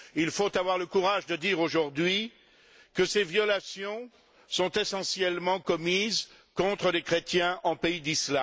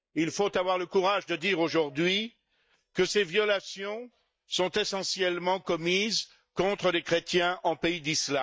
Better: first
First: none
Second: noise reduction (neural mask model DeepFilterNet 3)

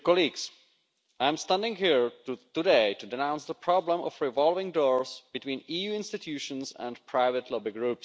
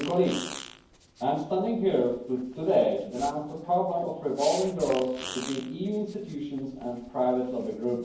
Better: first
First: none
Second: background sound (Fart); 16 dB below the speech // room echo; dies away in 0.9 s

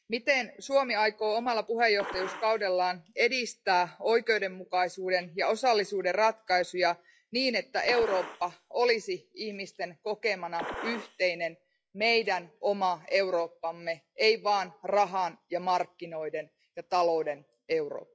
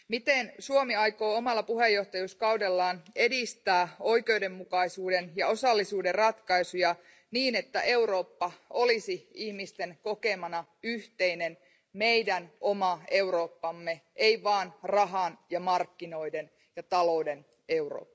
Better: second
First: noise reduction (classical method log-MMSE)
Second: none

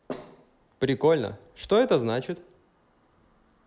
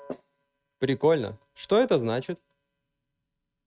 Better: first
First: none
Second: noise reduction (neural mask model RNNoise)

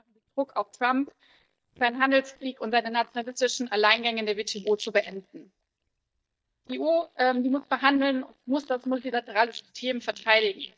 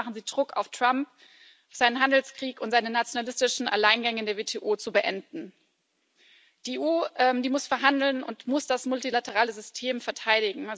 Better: second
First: noise reduction (neural mask model DeepFilterNet 3)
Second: none

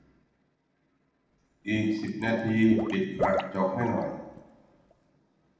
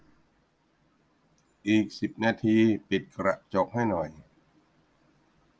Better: second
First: noise reduction (neural separator model SepFormer DNS4)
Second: none

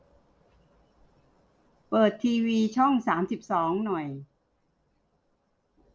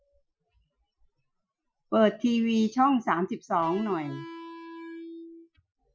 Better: first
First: none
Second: noise reduction (classical method Wiener filter)

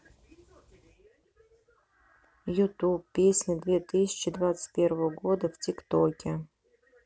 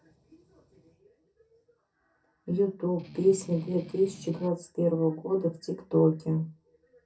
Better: first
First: none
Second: background sound (Strum); 17 dB below the speech // room echo; dies away in 0.3 s

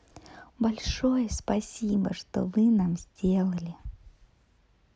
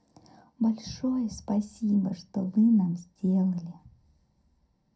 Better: first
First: none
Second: room echo; dies away in 0.3 s

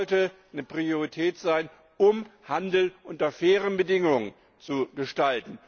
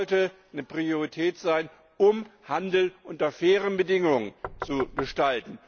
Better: first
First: none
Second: background sound (Knock); 12 dB below the speech

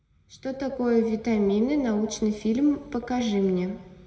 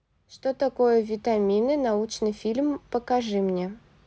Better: second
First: room echo; dies away in 1.4 s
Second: none

